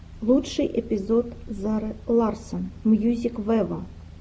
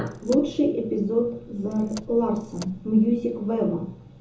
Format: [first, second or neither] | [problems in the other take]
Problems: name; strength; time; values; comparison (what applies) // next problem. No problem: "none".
first | background sound (Car); 20 dB below the speech // room echo; dies away in 1 s